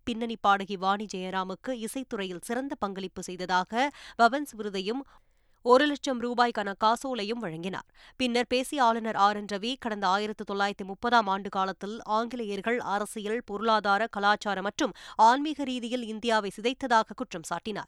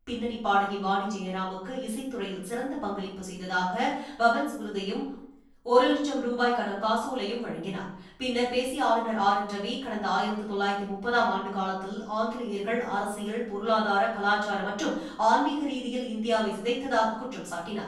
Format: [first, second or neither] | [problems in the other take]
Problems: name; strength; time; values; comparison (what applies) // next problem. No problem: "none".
first | off-mic speech; far // room echo; noticeable; dies away in 0.6 s